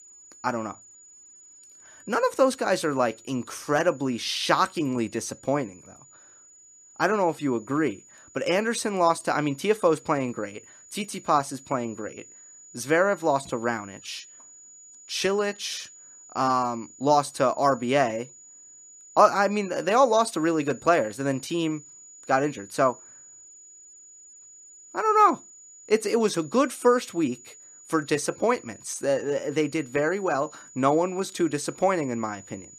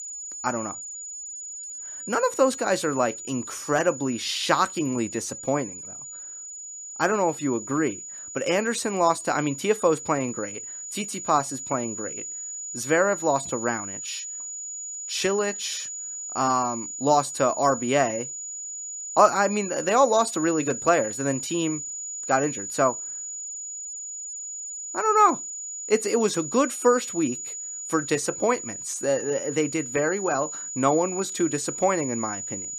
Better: first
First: high-pitched whine; faint; throughout; 7 kHz, 20 dB below the speech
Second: high-pitched whine; loud; throughout; 7 kHz, 8 dB below the speech

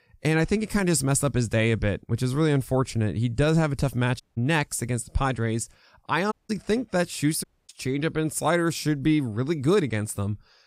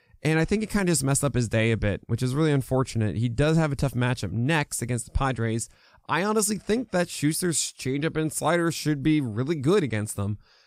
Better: second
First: audio cutting out; at 4 s, at 6.5 s and at 7.5 s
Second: none

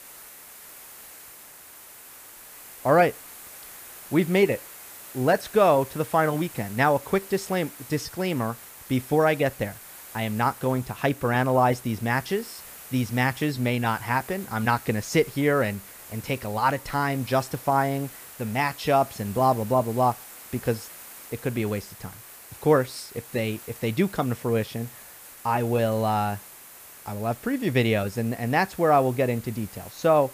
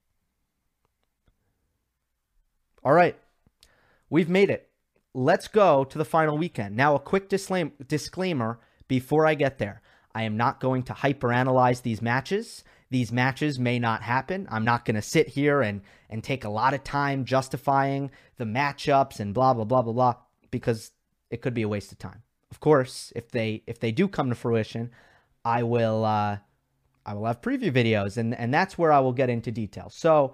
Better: second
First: hiss; noticeable; throughout; 15 dB below the speech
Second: none

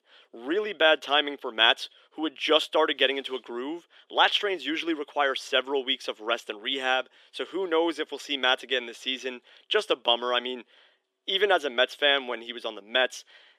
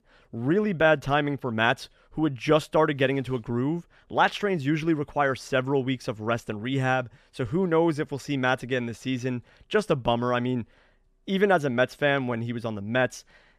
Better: second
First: thin; somewhat; fading below 300 Hz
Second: none

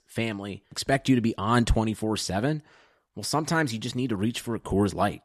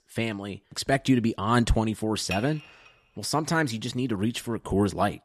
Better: first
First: none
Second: clattering dishes; noticeable; at 2.5 s; peak 8 dB below the speech

